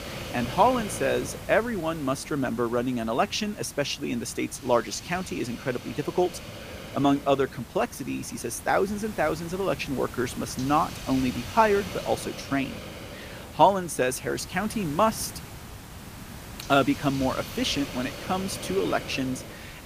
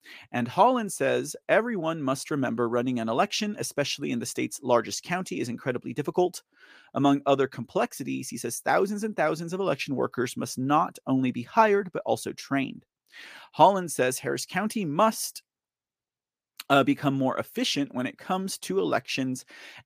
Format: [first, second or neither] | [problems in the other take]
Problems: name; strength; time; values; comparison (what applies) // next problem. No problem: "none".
second | hiss; noticeable; throughout; 10 dB below the speech